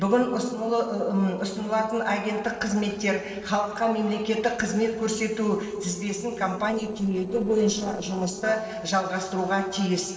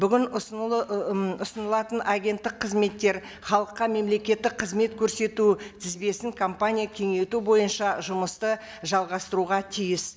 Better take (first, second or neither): second